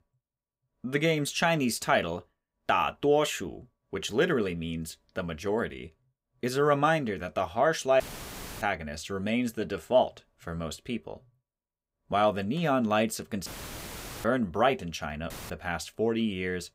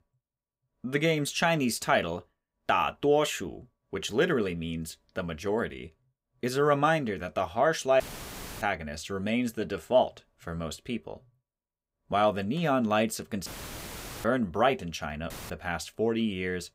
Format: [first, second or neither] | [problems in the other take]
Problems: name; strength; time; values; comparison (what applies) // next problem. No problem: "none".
neither | audio cutting out; filled with static; at 8 s for 0.5 s, at 13 s for 1 s and at 15 s; the same in both